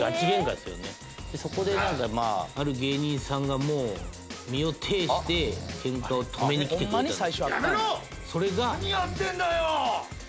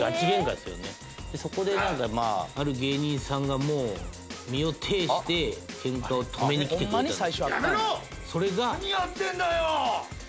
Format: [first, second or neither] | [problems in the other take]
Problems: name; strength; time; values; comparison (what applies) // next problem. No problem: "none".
second | background sound (Breathing); 16 dB below the speech